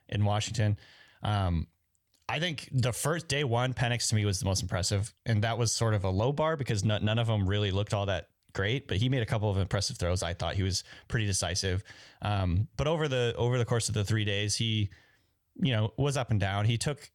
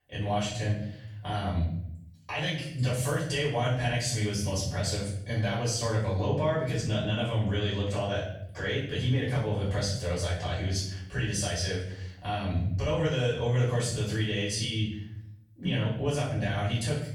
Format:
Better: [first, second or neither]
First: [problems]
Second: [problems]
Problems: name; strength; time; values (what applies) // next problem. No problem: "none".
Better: first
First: none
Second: off-mic speech; far // room echo; noticeable; dies away in 0.6 s